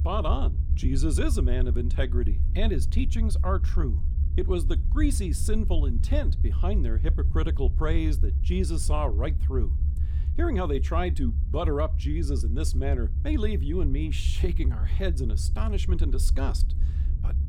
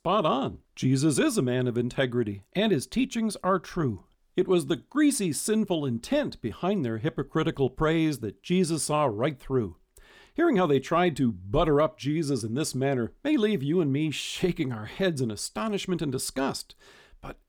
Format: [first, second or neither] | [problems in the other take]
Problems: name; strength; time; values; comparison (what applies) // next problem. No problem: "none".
second | low rumble; noticeable; throughout; 10 dB below the speech